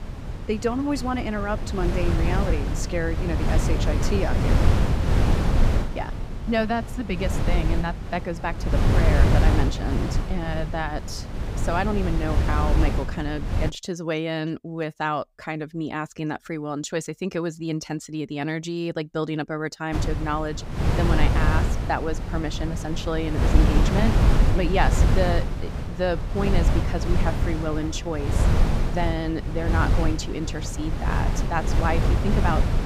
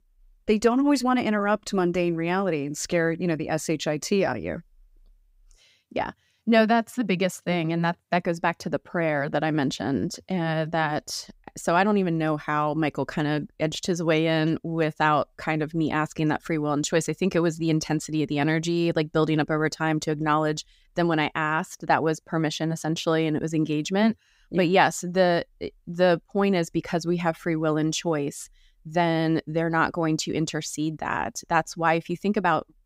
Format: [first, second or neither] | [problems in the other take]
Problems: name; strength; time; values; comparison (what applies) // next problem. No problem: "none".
second | wind noise on the microphone; heavy; until 14 s and from 20 s on; 3 dB below the speech